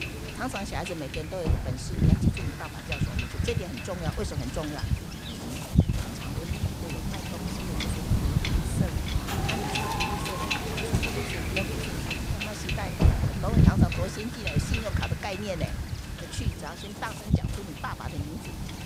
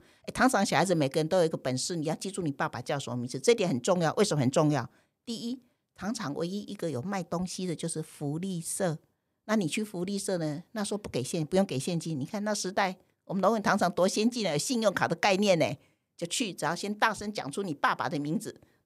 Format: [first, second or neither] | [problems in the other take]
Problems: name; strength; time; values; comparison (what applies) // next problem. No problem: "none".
second | wind noise on the microphone; heavy; 4 dB above the speech